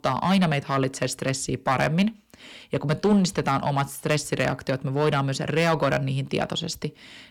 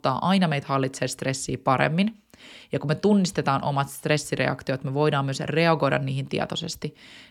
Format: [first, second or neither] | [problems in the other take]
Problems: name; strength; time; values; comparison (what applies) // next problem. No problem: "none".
second | distortion; slight; 3% of the sound clipped